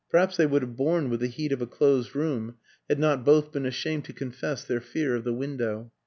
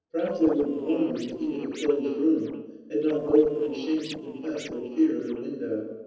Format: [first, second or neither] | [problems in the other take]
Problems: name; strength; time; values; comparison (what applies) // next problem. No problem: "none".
first | noise reduction (neural separator model SepFormer DNS4)